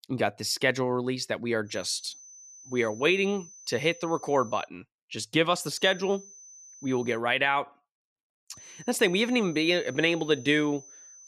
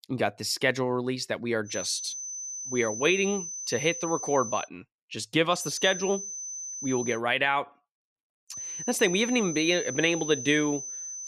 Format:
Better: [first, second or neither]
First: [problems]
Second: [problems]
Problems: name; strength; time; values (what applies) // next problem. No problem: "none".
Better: first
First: high-pitched whine; faint; from 1.5 to 4.5 s, from 5.5 to 7 s and from 8.5 s on; 6 kHz, 20 dB below the speech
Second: high-pitched whine; loud; from 1.5 to 4.5 s, from 5.5 to 7 s and from 8.5 s on; 6 kHz, 7 dB below the speech